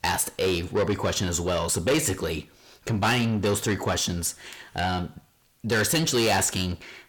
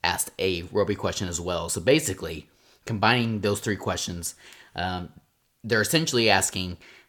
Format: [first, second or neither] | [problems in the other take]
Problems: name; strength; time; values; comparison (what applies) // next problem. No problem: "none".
second | distortion; heavy; 7 dB below the speech